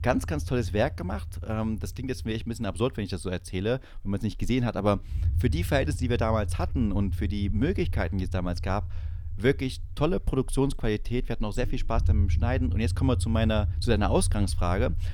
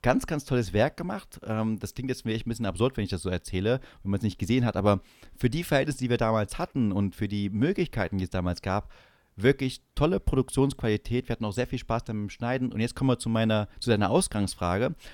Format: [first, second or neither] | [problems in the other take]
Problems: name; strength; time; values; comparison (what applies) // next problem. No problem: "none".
second | low rumble; noticeable; throughout; 15 dB below the speech